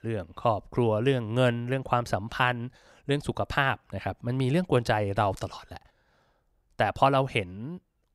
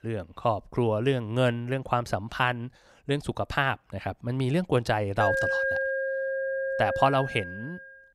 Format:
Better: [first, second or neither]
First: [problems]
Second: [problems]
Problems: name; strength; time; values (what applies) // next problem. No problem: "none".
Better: first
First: none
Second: alarm; loud; from 5 s on; peak 2 dB above the speech